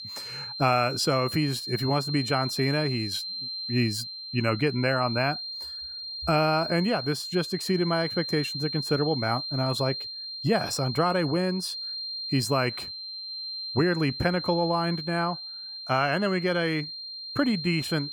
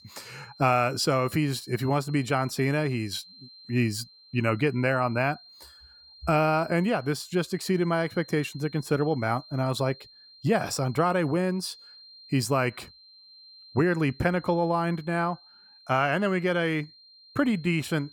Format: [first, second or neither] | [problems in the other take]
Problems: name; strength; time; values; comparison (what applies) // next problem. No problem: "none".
second | high-pitched whine; loud; throughout; 4 kHz, 6 dB below the speech; faint in the second